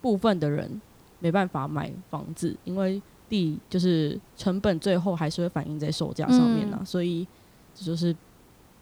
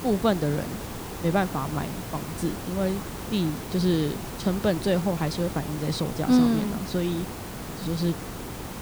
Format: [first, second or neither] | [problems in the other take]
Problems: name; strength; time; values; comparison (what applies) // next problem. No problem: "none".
first | hiss; loud; throughout; 9 dB below the speech; faint in the first